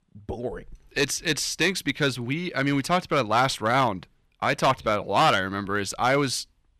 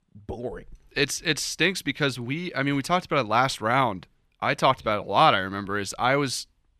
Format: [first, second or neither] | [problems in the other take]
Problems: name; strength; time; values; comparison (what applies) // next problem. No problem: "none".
second | distortion; slight; 2% of the sound clipped